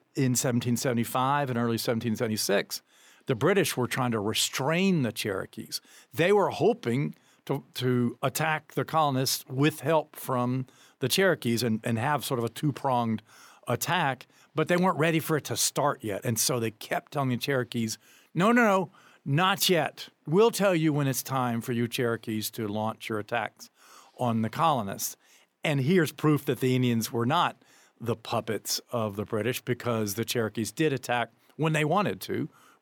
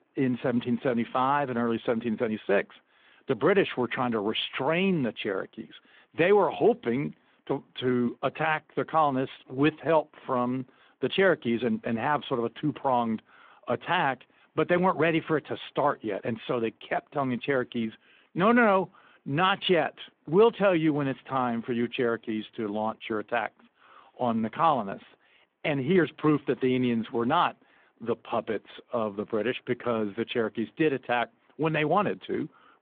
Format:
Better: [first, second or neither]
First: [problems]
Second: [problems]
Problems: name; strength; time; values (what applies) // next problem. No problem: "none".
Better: first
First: none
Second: phone-call audio